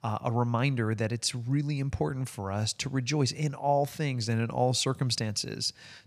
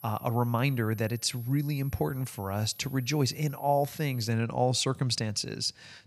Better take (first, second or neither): first